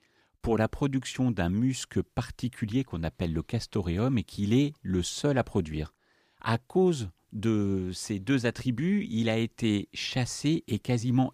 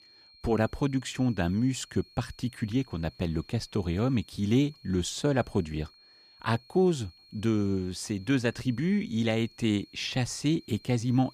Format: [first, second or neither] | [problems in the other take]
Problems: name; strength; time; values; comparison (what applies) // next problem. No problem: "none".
first | high-pitched whine; faint; throughout; 4.5 kHz, 25 dB below the speech